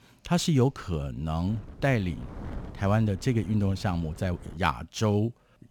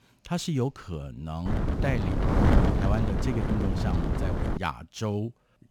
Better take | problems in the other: first | wind noise on the microphone; heavy; from 1.5 to 4.5 s; 2 dB above the speech; occasional gusts in the first

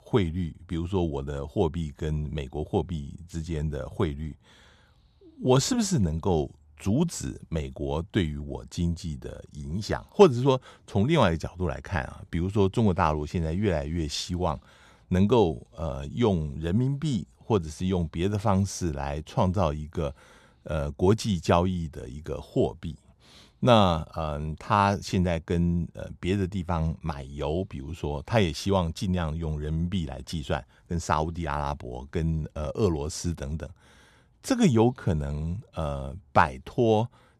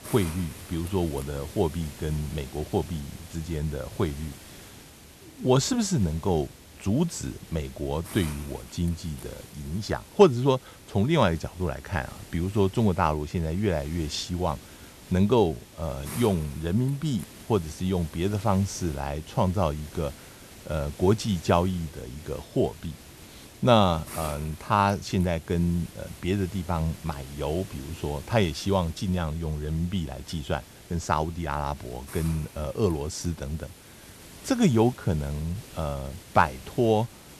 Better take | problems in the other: first | hiss; noticeable; throughout; 15 dB below the speech

